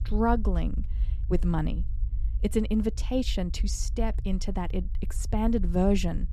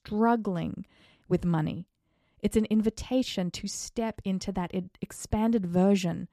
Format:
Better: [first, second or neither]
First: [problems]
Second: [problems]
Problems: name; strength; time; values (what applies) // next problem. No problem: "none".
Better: second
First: low rumble; faint; throughout; 20 dB below the speech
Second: none